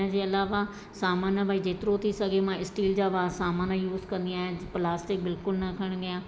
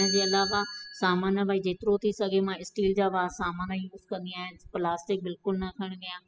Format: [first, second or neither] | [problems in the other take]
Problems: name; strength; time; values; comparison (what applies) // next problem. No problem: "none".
first | noise reduction (classical method spectral subtraction)